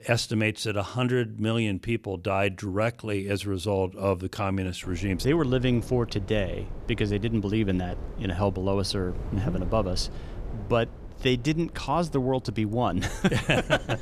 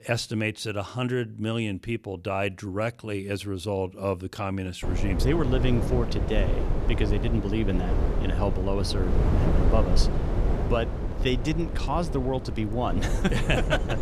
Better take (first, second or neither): first